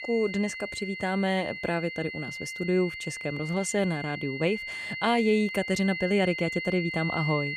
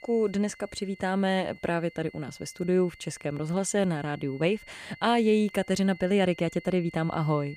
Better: second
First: high-pitched whine; loud; throughout; 2 kHz, 6 dB below the speech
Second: high-pitched whine; faint; throughout; 2 kHz, 20 dB below the speech

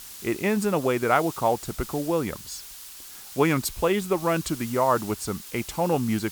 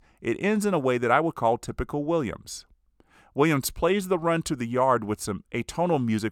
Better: second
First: hiss; noticeable; throughout; 15 dB below the speech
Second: none

